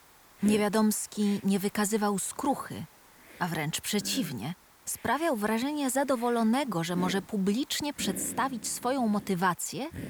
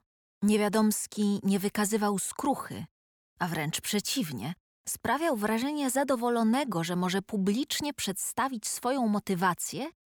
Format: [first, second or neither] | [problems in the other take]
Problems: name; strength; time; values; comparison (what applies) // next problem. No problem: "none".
second | hiss; noticeable; throughout; 15 dB below the speech